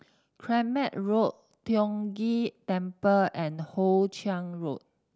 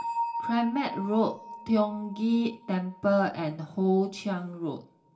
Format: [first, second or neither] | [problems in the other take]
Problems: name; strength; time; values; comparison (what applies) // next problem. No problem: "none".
first | background sound (Bell); 11 dB below the speech // room echo; dies away in 0.4 s